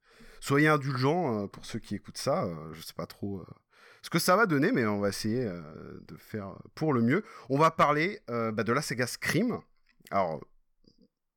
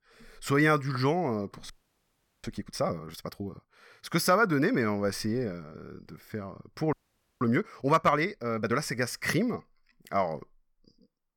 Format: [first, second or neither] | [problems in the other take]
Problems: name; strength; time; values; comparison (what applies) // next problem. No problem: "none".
first | audio freezing; at 1.5 s for 0.5 s and at 7 s